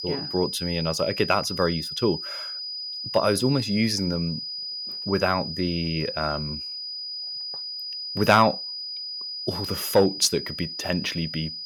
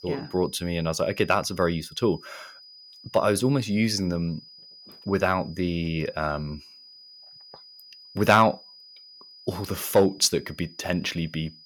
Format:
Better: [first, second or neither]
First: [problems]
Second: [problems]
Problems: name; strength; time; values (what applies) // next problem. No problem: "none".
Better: second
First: high-pitched whine; loud; throughout; 5 kHz, 6 dB below the speech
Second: high-pitched whine; faint; throughout; 5 kHz, 20 dB below the speech